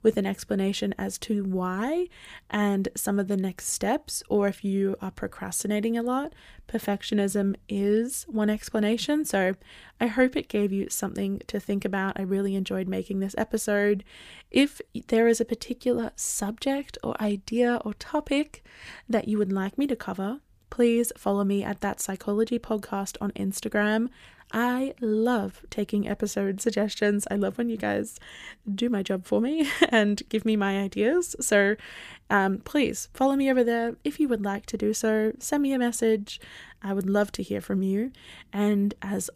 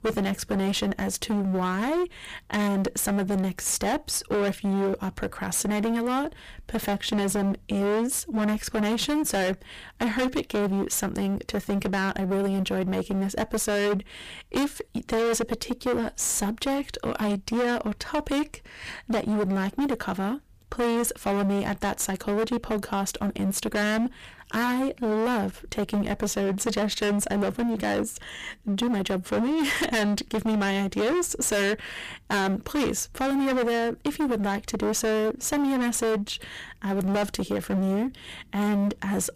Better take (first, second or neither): first